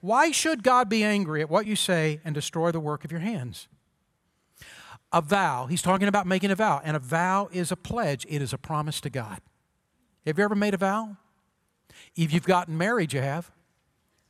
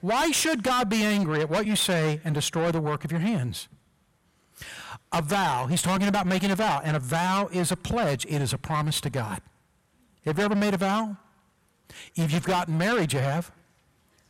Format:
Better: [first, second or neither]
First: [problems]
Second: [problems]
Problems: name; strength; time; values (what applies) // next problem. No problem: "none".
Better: first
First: none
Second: distortion; heavy; 5 dB below the speech